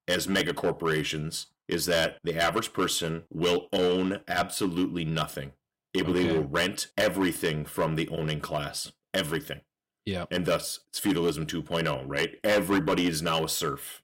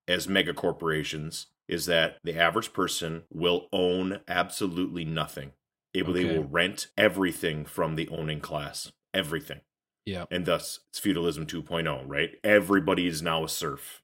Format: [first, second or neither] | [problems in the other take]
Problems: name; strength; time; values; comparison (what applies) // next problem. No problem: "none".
second | distortion; heavy; 5% of the sound clipped